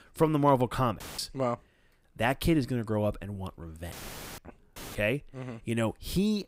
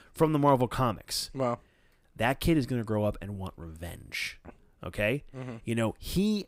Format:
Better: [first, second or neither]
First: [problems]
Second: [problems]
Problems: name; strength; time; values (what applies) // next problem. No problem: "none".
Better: second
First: audio cutting out; filled with static; at 1 s, at 4 s and at 5 s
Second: none